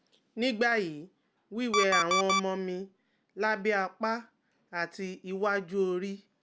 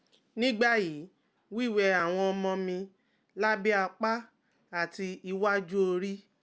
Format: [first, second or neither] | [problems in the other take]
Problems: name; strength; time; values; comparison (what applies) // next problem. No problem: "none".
second | background sound (Alarm); 1 dB above the speech